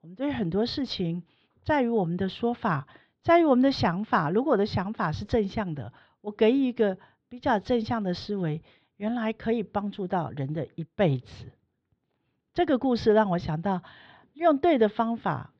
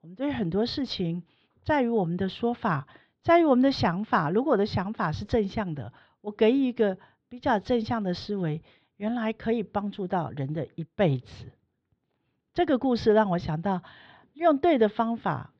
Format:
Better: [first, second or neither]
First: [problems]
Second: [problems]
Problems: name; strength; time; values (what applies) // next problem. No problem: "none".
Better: neither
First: muffled; slightly; fading above 3.5 kHz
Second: muffled; slightly; fading above 3.5 kHz